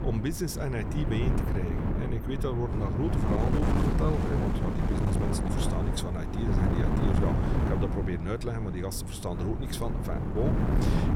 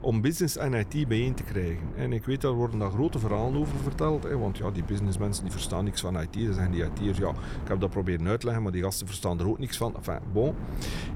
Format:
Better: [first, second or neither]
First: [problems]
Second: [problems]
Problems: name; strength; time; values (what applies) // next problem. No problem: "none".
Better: second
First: wind noise on the microphone; heavy; 1 dB above the speech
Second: wind noise on the microphone; occasional gusts; 15 dB below the speech